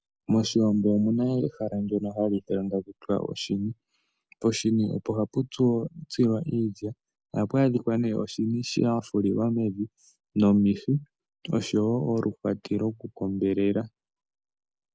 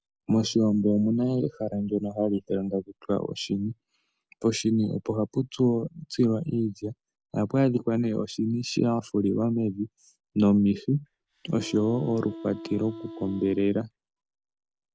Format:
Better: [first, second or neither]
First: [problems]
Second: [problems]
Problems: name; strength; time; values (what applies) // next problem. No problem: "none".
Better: first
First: none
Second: background sound (Wind instrument, woodwind instrument); 15 dB below the speech